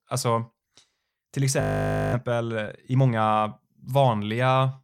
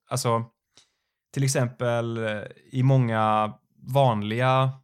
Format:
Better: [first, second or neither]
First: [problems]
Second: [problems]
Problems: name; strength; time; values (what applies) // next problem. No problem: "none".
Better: second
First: audio freezing; at 1.5 s for 0.5 s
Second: none